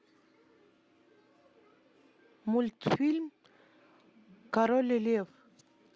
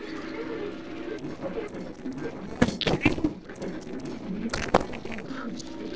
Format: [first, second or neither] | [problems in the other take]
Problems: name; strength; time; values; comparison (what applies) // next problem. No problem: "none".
first | noise reduction (neural separator model SepFormer DNS4)